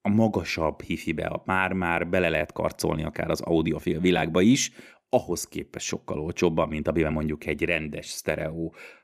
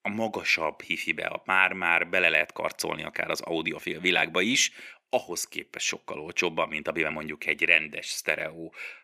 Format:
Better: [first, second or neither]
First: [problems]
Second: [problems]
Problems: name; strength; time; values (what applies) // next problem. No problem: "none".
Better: first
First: none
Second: thin; somewhat; fading below 800 Hz